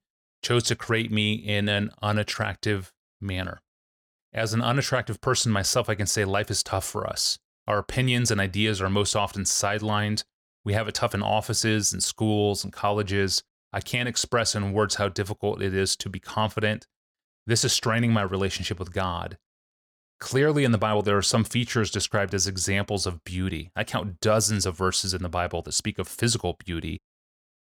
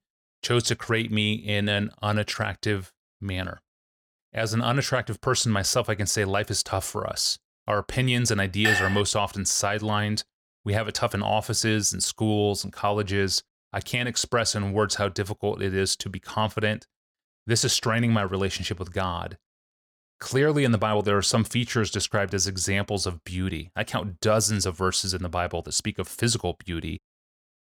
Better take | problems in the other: first | clattering dishes; loud; at 8.5 s; peak 3 dB above the speech

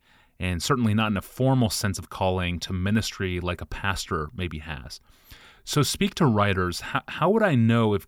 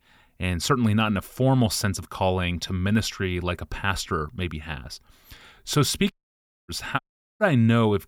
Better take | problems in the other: first | audio cutting out; at 6 s for 0.5 s and at 7 s

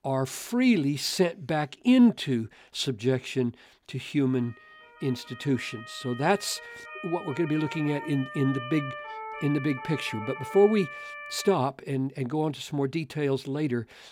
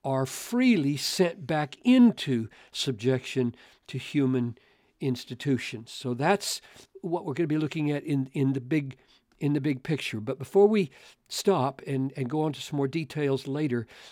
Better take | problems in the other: second | siren; noticeable; from 4.5 to 12 s; peak 9 dB below the speech

